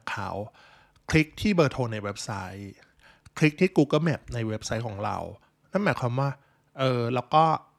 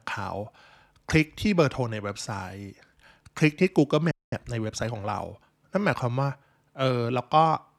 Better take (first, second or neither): first